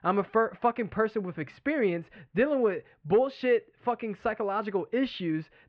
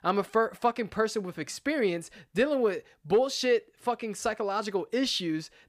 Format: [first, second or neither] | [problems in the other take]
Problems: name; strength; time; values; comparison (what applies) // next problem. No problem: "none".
second | muffled; very; fading above 2.5 kHz